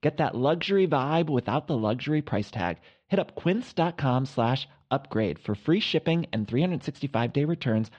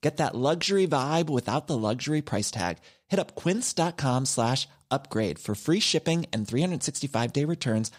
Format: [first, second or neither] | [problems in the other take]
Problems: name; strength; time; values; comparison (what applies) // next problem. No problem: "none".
second | muffled; slightly; fading above 3 kHz